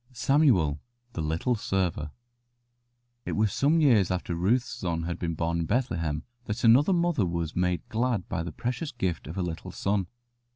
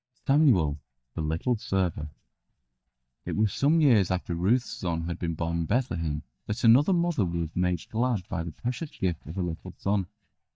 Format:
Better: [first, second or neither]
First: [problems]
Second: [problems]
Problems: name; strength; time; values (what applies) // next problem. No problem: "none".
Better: first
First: none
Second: noise reduction (neural mask model DeepFilterNet 3)